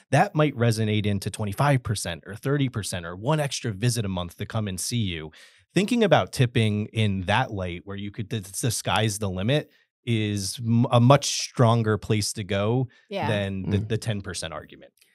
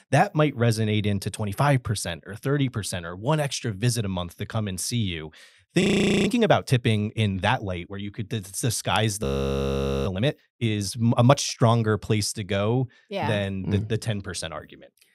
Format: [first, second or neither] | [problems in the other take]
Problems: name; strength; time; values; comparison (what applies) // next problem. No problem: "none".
first | audio freezing; at 6 s and at 9 s for 1 s